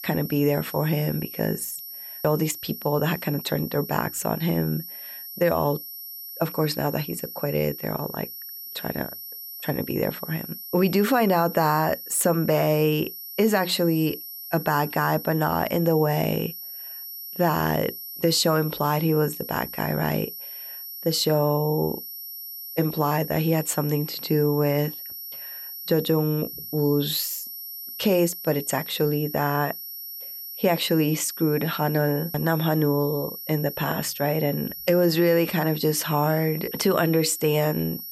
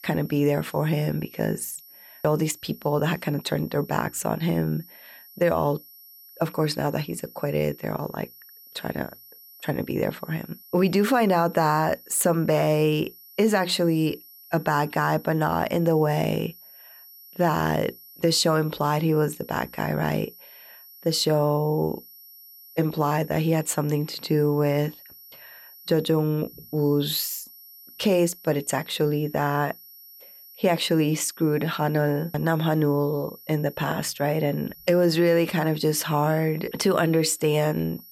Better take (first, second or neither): second